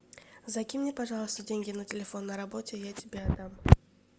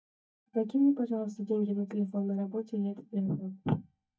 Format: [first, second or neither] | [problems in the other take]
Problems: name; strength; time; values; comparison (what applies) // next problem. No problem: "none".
first | noise reduction (neural mask model DeepFilterNet 3)